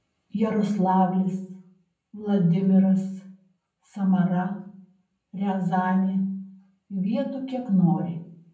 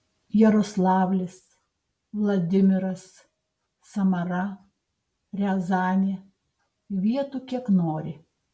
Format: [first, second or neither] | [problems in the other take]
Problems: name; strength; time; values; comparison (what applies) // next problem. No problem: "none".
second | room echo; dies away in 0.6 s